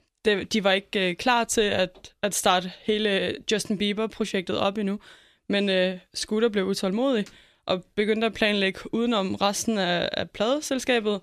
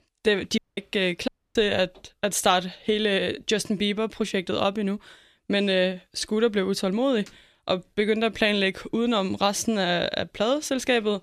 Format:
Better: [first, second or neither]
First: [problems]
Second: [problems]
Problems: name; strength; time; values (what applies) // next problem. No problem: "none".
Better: first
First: none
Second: audio cutting out; at 0.5 s and at 1.5 s